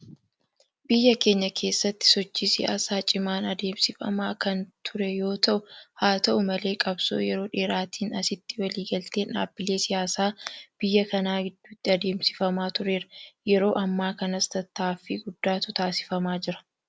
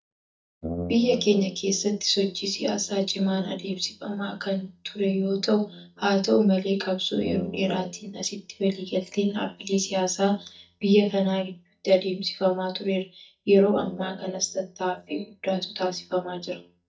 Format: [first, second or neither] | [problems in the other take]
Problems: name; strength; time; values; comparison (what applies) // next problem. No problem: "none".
first | noise reduction (neural mask model DeepFilterNet 3)